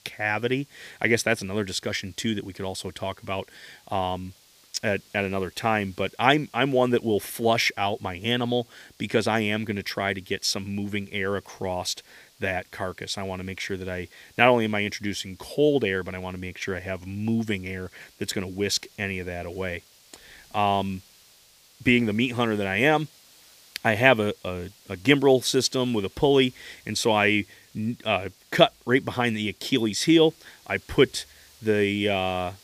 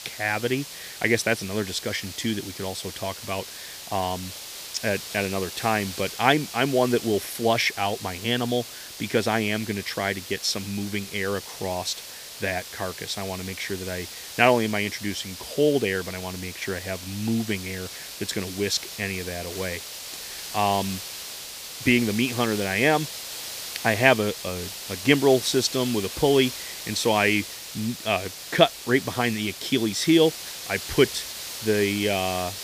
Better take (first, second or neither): first